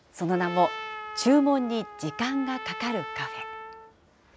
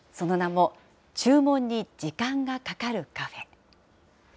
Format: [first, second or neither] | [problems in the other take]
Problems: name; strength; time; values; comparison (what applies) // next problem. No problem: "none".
second | background sound (Trumpet); 11 dB below the speech